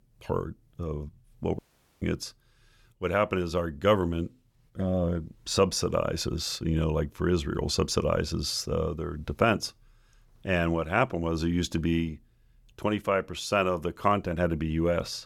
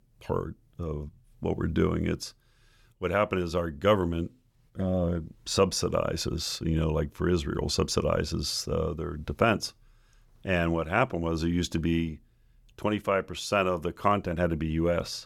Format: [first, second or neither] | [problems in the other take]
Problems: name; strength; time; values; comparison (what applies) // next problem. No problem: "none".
second | audio cutting out; at 1.5 s